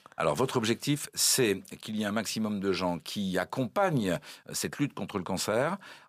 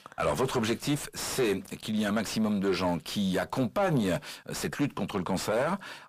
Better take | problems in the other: first | distortion; heavy; 6 dB below the speech

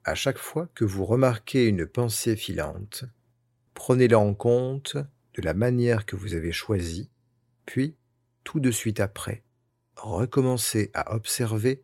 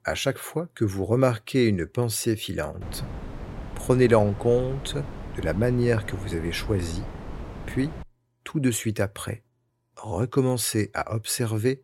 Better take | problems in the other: first | wind noise on the microphone; occasional gusts; from 3 to 8 s; 15 dB below the speech

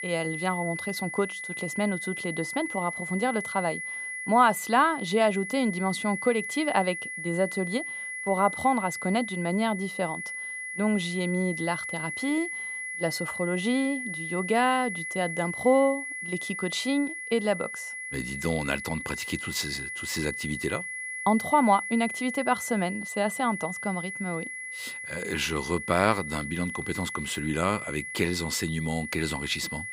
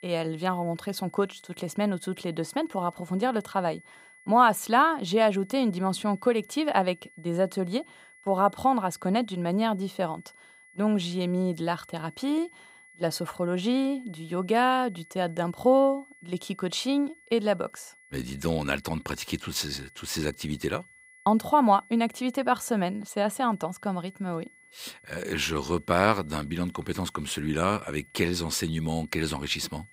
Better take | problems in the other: second | high-pitched whine; loud; throughout; 2 kHz, 6 dB below the speech; faint in the second

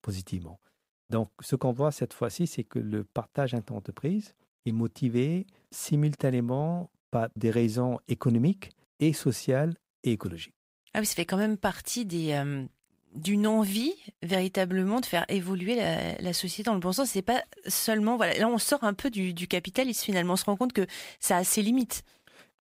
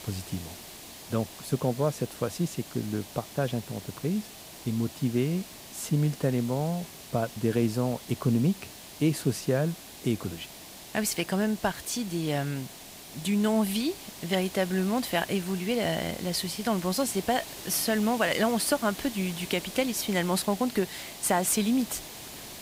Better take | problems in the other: first | hiss; noticeable; throughout; 15 dB below the speech

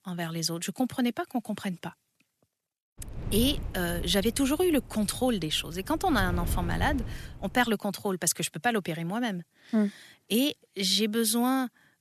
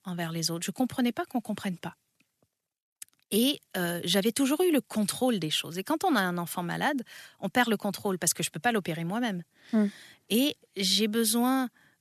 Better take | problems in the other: second | wind noise on the microphone; occasional gusts; from 3 to 7.5 s; 20 dB below the speech

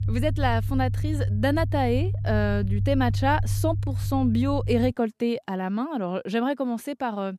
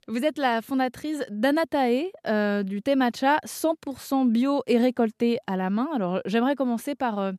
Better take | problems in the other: second | low rumble; noticeable; until 5 s; 15 dB below the speech

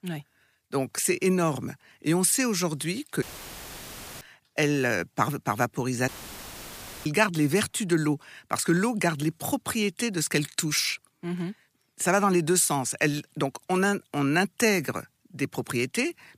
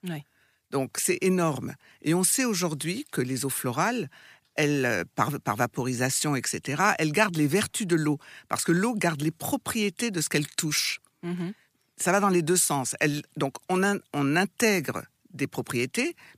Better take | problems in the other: second | audio cutting out; filled with static; at 3 s for 1 s and at 6 s for 1 s

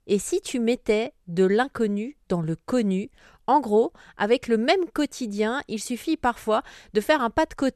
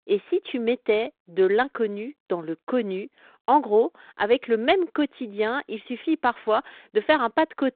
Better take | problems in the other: first | phone-call audio; nothing above 3.5 kHz

